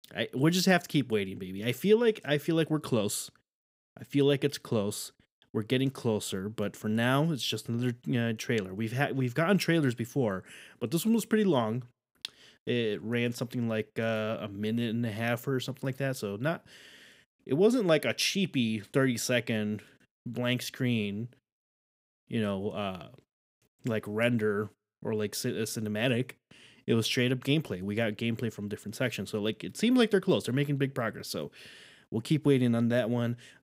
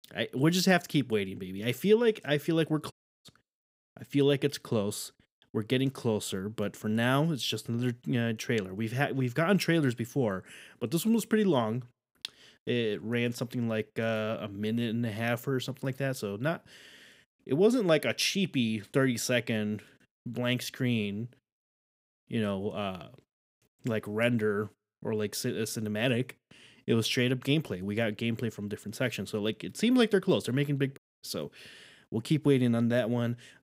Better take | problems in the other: first | audio cutting out; at 3 s and at 31 s

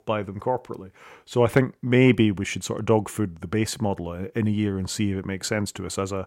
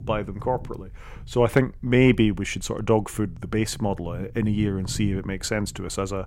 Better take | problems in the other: first | low rumble; faint; throughout; 25 dB below the speech

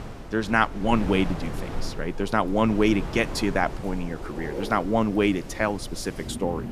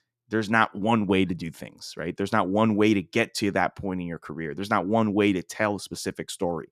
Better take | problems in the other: second | wind in the background; noticeable; throughout; 10 dB below the speech

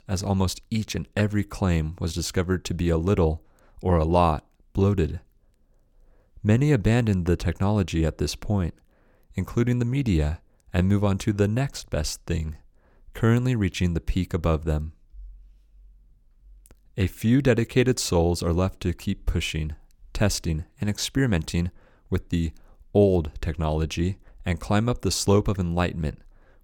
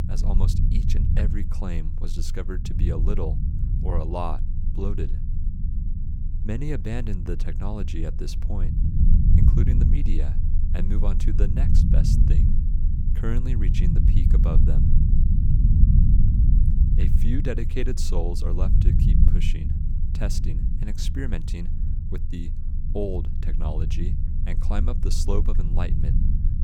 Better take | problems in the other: first | low rumble; loud; throughout; 3 dB below the speech

